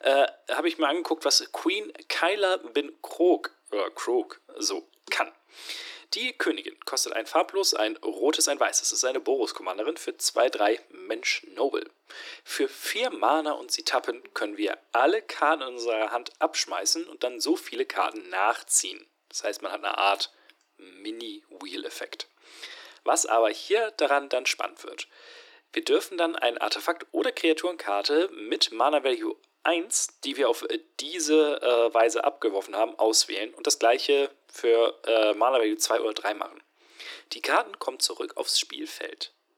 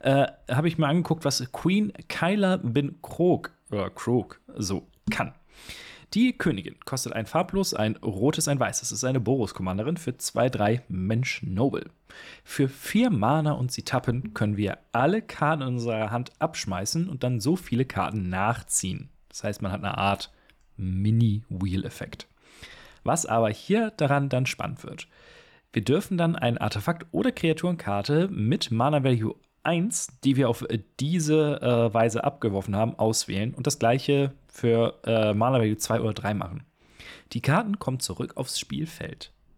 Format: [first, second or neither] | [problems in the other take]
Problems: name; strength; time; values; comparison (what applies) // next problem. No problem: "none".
second | thin; very; fading below 300 Hz